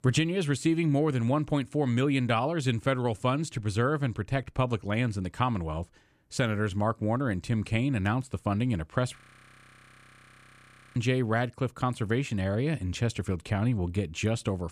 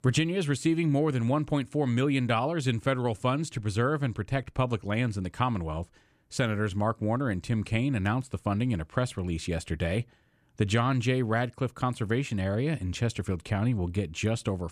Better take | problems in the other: second | audio freezing; at 9 s for 2 s

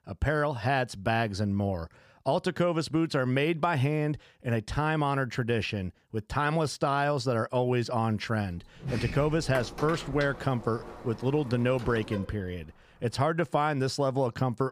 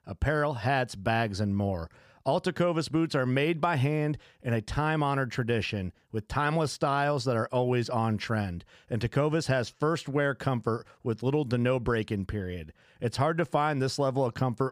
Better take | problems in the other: second | door banging; noticeable; from 9 to 13 s; peak 7 dB below the speech

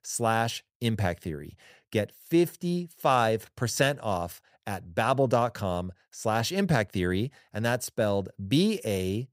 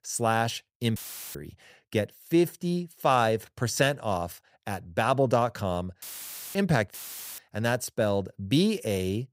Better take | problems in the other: first | audio cutting out; filled with static; at 1 s, at 6 s for 0.5 s and at 7 s

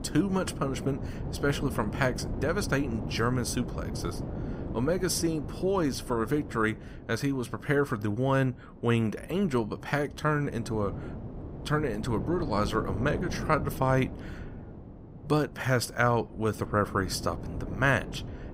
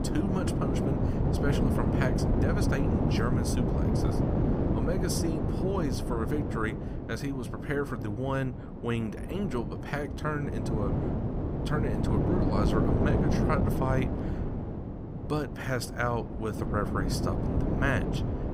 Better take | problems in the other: first | wind noise on the microphone; heavy; 1 dB below the speech; occasional gusts in the first

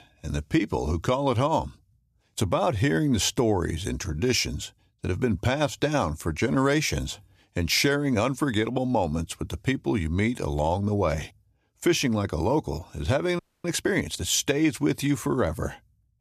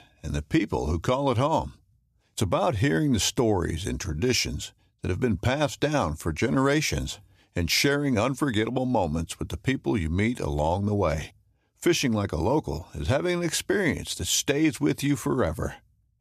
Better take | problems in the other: second | audio freezing; at 13 s

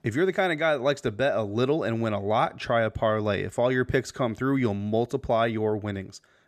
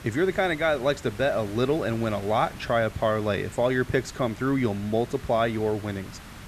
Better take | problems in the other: first | hiss; noticeable; throughout; 15 dB below the speech

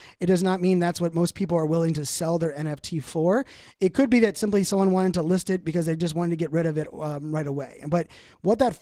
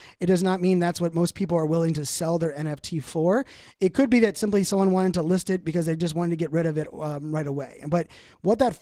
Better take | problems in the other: neither | garbled, watery; slightly; nothing above 15.5 kHz; the same in both

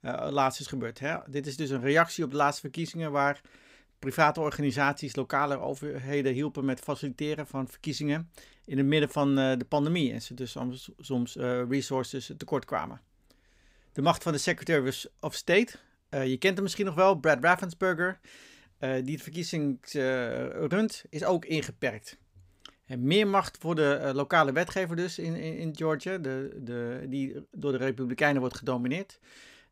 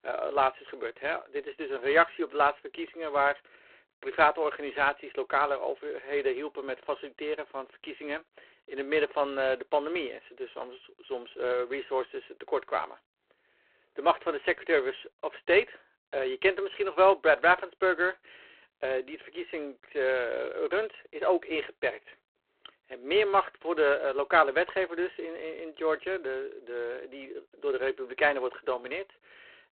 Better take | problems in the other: first | phone-call audio; poor line; nothing above 4 kHz

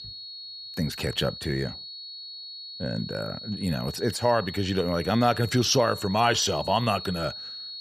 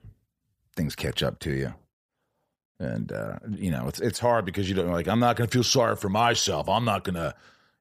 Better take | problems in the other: second | high-pitched whine; noticeable; throughout; 4.5 kHz, 10 dB below the speech

